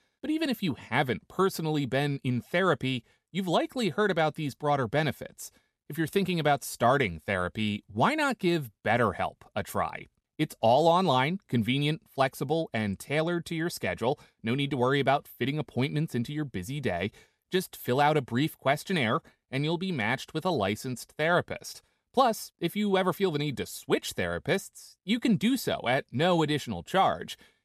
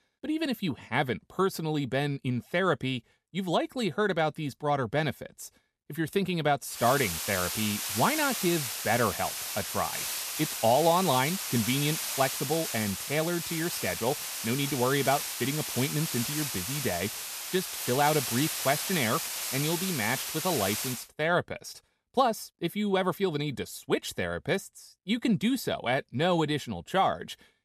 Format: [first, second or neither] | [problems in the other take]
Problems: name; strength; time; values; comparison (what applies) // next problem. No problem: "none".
first | hiss; loud; from 7 to 21 s; 3 dB below the speech